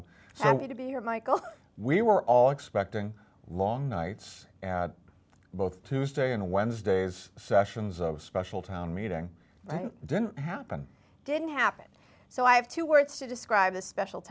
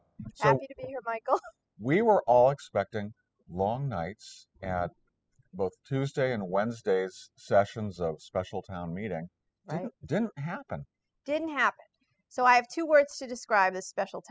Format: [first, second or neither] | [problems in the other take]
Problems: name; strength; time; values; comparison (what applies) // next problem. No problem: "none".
first | noise reduction (classical method spectral subtraction)